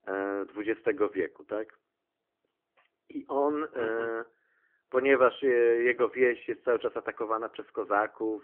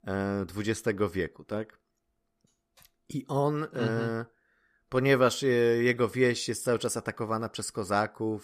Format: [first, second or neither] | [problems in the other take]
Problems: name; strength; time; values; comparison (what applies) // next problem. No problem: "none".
second | phone-call audio; nothing above 3 kHz